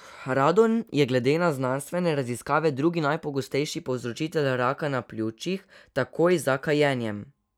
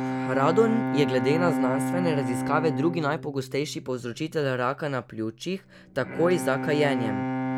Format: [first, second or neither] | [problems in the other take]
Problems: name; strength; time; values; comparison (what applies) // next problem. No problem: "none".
first | background sound (Bowed string instrument); 3 dB below the speech